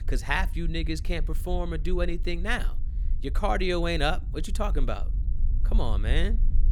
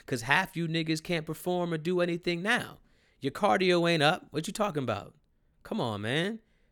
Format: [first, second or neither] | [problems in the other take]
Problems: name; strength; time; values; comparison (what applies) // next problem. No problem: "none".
second | low rumble; faint; throughout; 20 dB below the speech